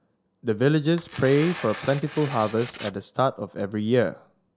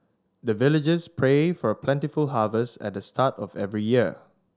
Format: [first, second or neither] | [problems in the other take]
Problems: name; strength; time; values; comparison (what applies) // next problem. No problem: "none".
second | background sound (Tearing); 14 dB below the speech